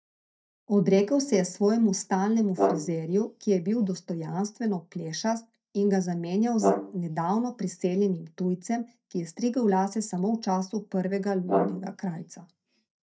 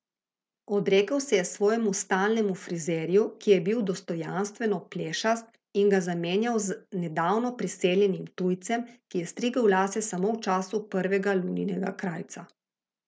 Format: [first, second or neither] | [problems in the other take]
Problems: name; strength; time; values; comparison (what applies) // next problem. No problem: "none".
second | noise reduction (neural mask model DeepFilterNet 3)